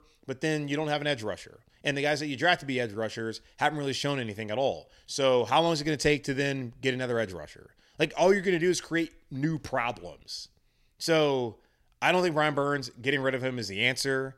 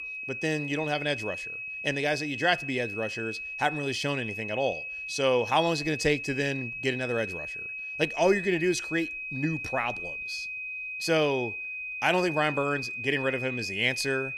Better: first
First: none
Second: high-pitched whine; loud; throughout; 2.5 kHz, 5 dB below the speech

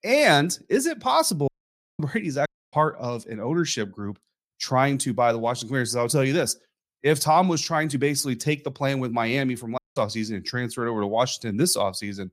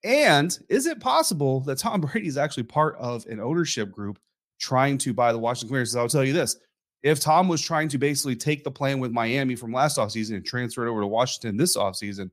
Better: second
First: audio cutting out; at 1.5 s for 0.5 s, at 2.5 s and at 10 s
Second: none

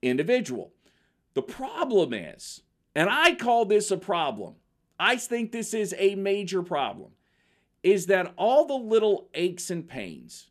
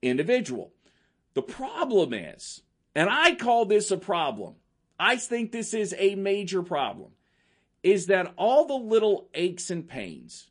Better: first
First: none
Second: garbled, watery; slightly; nothing above 9.5 kHz

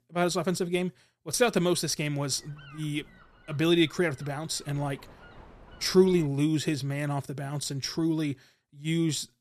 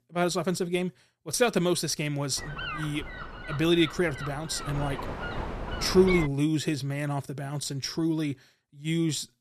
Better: first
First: wind noise on the microphone; occasional gusts; from 2.5 to 6.5 s; 20 dB below the speech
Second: wind noise on the microphone; heavy; from 2.5 to 6.5 s; 6 dB below the speech

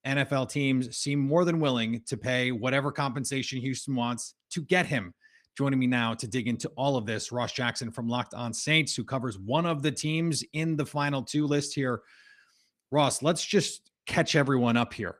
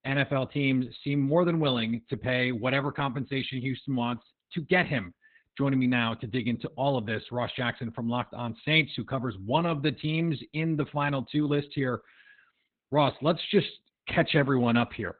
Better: first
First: garbled, watery; slightly; nothing above 14.5 kHz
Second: garbled, watery; badly; nothing above 4 kHz

